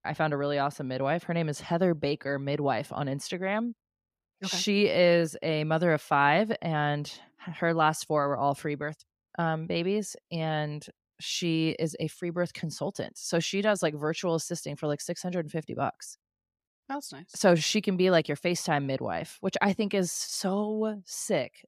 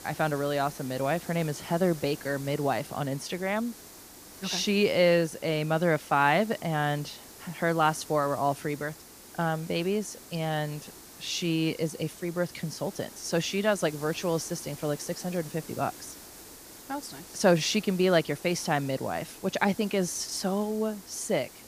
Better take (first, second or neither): first